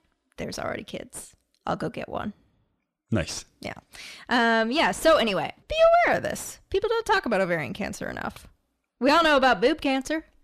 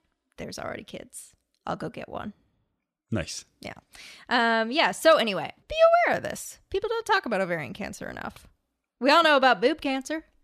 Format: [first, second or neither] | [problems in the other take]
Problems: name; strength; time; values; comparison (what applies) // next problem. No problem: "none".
second | distortion; slight; 10 dB below the speech